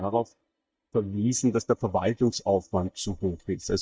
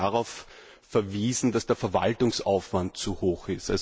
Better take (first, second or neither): second